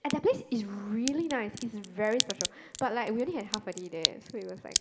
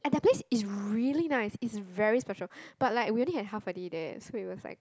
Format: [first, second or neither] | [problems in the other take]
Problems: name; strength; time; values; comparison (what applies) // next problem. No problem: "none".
second | background sound (Crack); 5 dB below the speech // room echo; dies away in 1.3 s